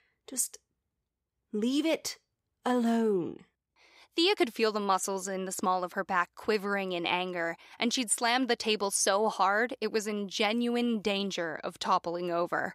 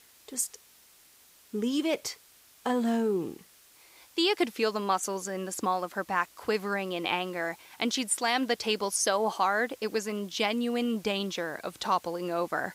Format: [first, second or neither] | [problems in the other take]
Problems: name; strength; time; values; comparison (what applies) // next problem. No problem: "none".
first | hiss; faint; throughout; 25 dB below the speech